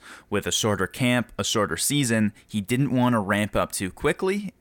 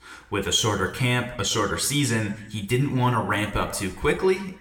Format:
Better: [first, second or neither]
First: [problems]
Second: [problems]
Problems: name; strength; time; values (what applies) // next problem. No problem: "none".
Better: first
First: none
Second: room echo; slight; dies away in 0.6 s